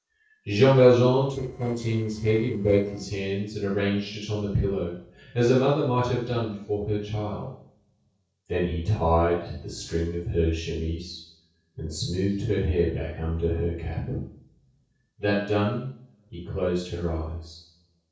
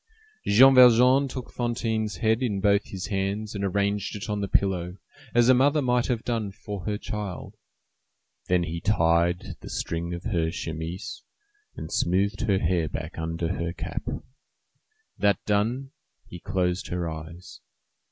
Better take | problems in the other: second | noise reduction (neural separator model SepFormer DNS4)

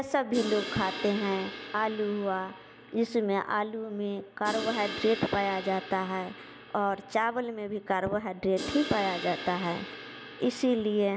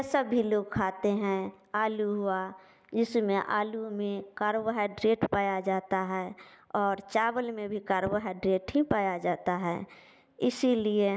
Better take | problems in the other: second | background sound (Crash cymbal); 11 dB below the speech

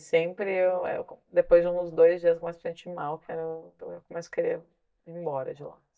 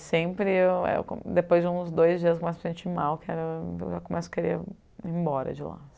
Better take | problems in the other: second | noise reduction (neural mask model DeepFilterNet 3)

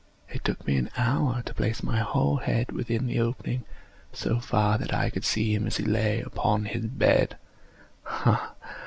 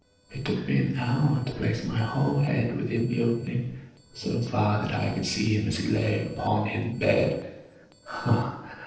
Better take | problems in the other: first | noise reduction (neural separator model SepFormer DNS4)

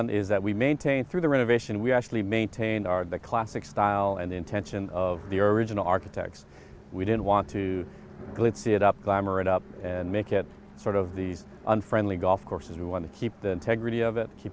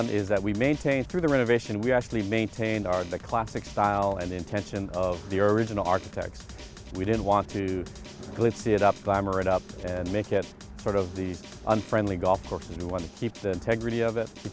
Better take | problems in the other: first | background sound (Drum); 17 dB below the speech

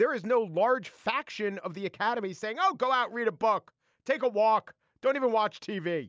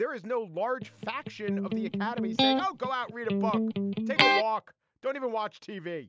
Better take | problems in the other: first | background sound (Electric guitar); 5 dB above the speech

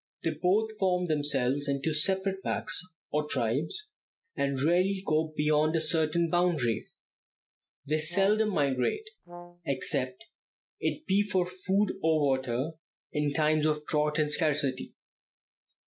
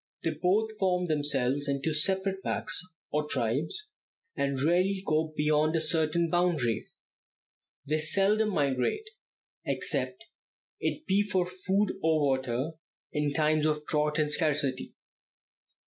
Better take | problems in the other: second | background sound (Brass instrument); 15 dB below the speech

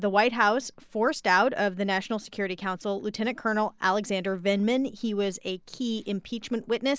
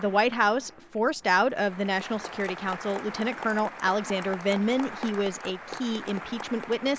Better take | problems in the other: first | background sound (Applause); 12 dB below the speech

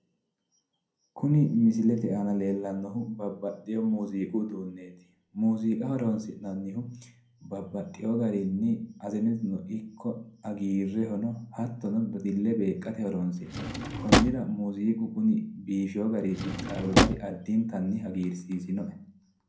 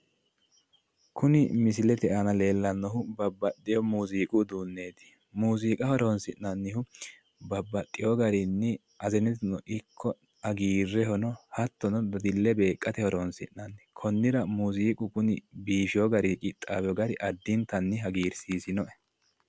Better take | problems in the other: second | background sound (Drawer open or close); 2 dB above the speech // room echo; dies away in 0.5 s

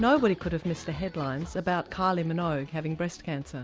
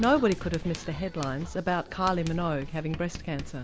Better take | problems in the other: first | background sound (Writing); 12 dB below the speech

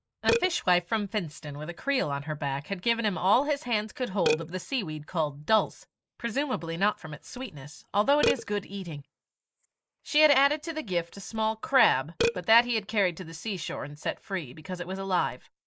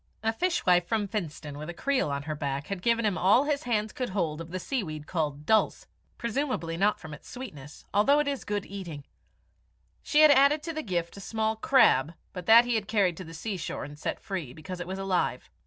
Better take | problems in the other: second | noise reduction (neural mask model Resemble Enhance denoiser)

